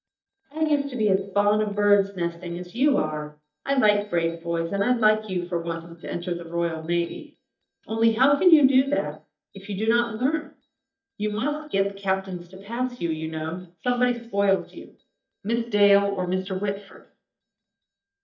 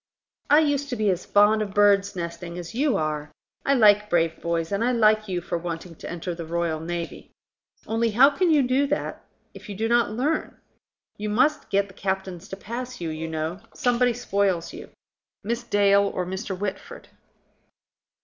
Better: second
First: noise reduction (neural mask model DeepFilterNet 3)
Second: none

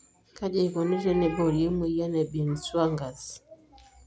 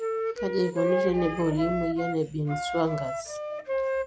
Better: first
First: none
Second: background sound (Wind instrument, woodwind instrument); 2 dB below the speech

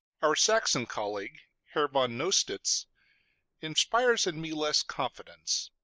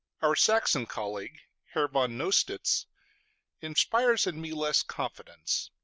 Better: second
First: noise reduction (neural mask model Resemble Enhance denoiser)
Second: none

